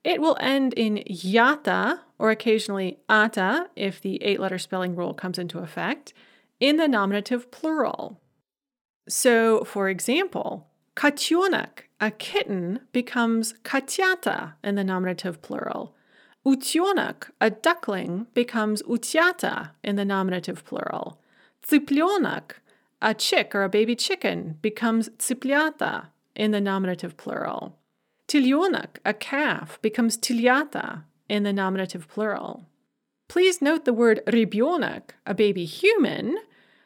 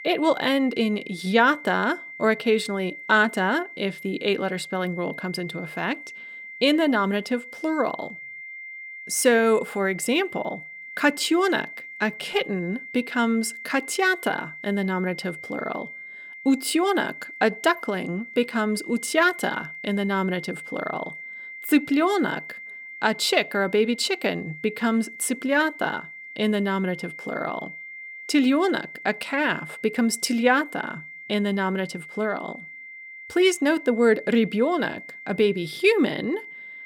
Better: first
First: none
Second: high-pitched whine; noticeable; throughout; 2 kHz, 15 dB below the speech

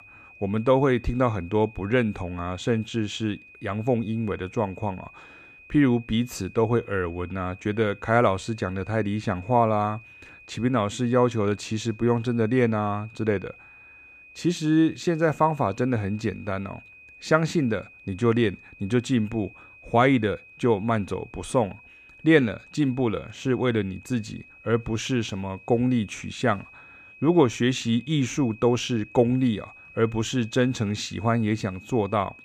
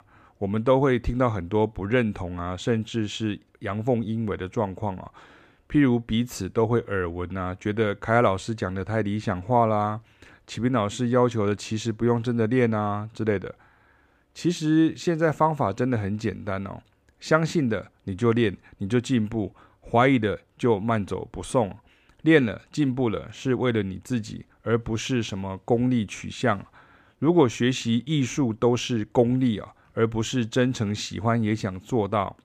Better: second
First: high-pitched whine; faint; throughout; 2.5 kHz, 20 dB below the speech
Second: none

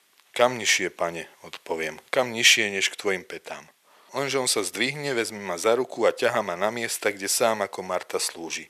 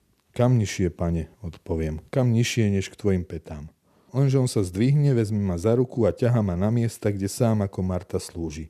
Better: second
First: thin; very; fading below 800 Hz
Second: none

